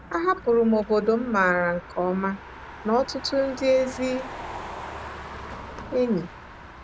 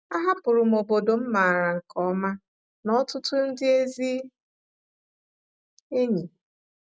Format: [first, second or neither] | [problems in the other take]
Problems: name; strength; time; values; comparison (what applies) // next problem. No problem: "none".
second | background sound (Motor vehicle (road)); 14 dB below the speech